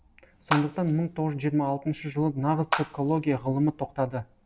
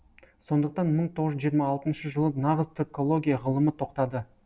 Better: second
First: background sound (Water / Splash, splatter); 9 dB below the speech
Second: none

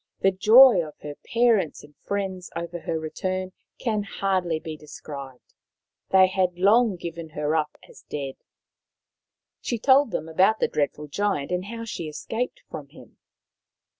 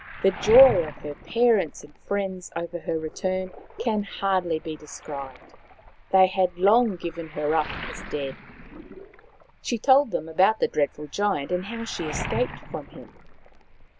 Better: first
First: none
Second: background sound (Waves, surf); 14 dB below the speech

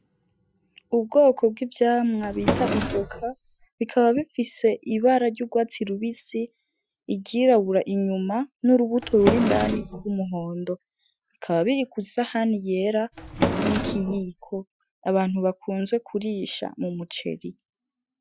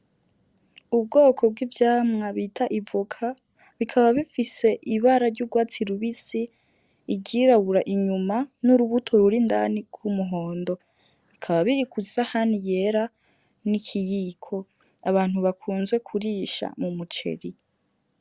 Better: second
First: noise reduction (classical method Wiener filter)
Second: none

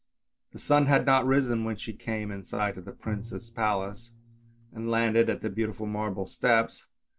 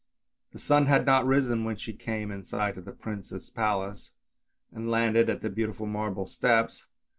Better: second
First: background sound (Bowed string instrument); 15 dB below the speech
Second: none

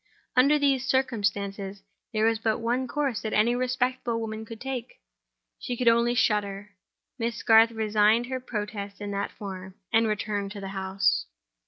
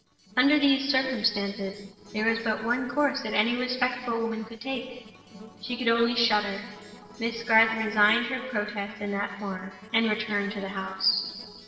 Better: first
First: none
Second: noise reduction (neural separator model SepFormer DNS4)

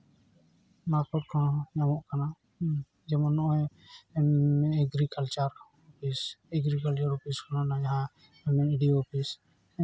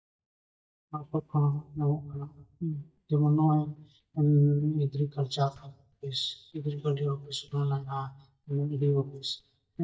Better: first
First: none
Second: noise reduction (neural mask model DeepFilterNet 3)

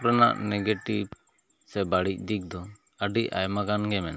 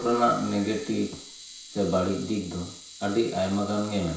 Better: first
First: none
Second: background sound (Camera); 17 dB below the speech // room echo; dies away in 0.6 s

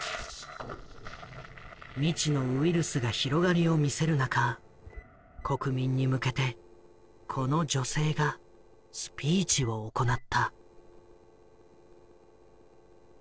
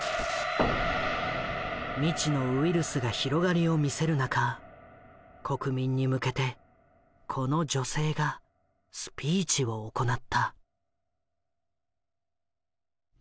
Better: second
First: noise reduction (neural separator model SepFormer DNS4)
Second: none

